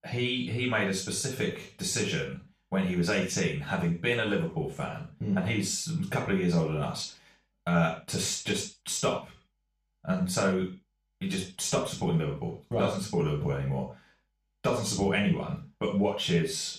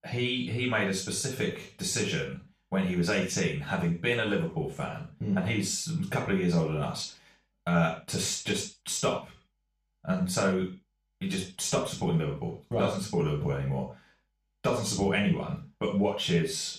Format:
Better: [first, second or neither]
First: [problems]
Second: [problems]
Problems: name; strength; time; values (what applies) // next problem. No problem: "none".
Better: neither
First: room echo; noticeable; dies away in 0.3 s // off-mic speech; far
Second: room echo; noticeable; dies away in 0.3 s // off-mic speech; far